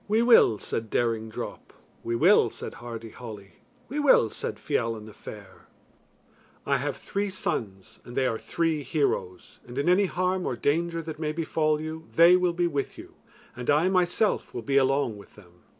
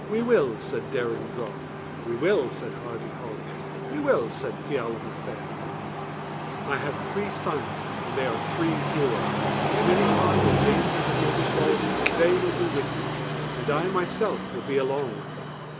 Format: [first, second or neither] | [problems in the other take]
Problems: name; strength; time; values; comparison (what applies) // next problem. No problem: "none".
first | background sound (Train + Finger snapping); as loud as the speech